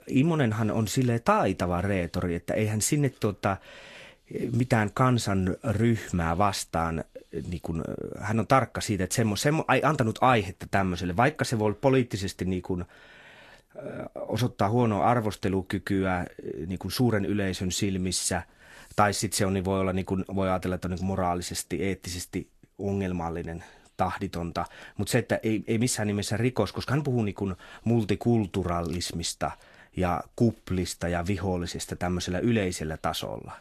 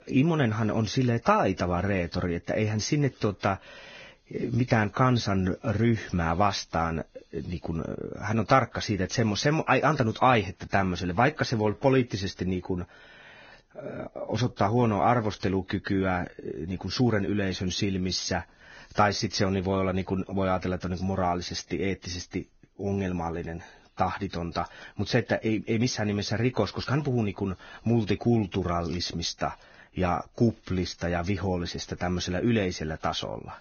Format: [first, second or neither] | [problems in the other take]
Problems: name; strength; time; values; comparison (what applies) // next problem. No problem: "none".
first | garbled, watery; badly; nothing above 6.5 kHz; slightly in the first